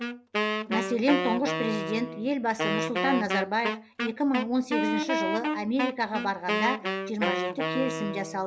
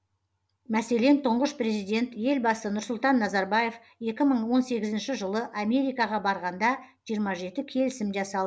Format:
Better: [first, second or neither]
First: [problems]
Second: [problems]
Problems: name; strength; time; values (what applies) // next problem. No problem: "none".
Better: second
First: background sound (Wind instrument, woodwind instrument); 1 dB below the speech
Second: none